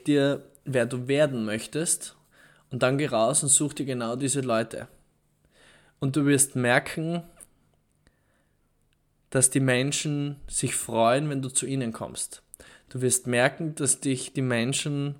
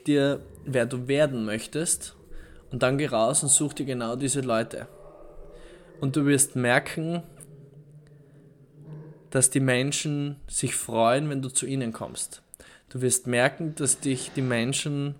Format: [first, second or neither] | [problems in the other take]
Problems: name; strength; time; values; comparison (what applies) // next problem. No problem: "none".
first | animal sounds; faint; throughout; 25 dB below the speech